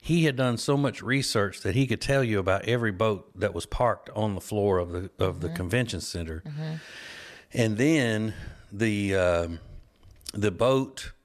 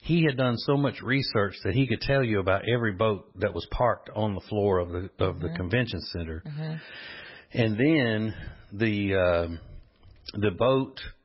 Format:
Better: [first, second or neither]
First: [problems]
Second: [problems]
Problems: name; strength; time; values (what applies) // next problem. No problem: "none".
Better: first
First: none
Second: garbled, watery; badly; nothing above 5.5 kHz